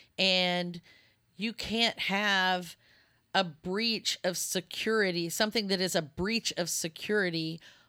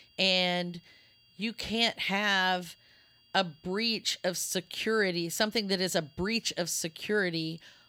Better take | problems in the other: first | high-pitched whine; faint; throughout; 3 kHz, 30 dB below the speech

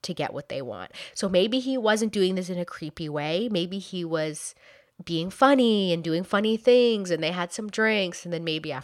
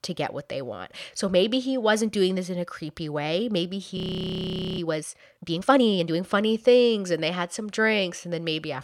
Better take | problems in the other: first | audio freezing; at 4 s for 1 s

